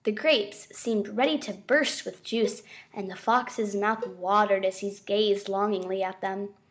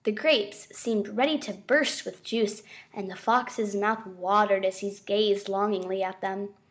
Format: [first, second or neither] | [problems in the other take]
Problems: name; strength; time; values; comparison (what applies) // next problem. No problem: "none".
second | background sound (Cowbell); 16 dB below the speech